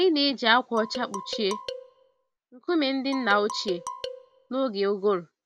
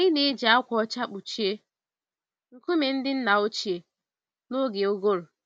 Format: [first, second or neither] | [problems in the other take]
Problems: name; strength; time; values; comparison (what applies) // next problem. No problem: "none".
second | background sound (Marimba, xylophone); 11 dB below the speech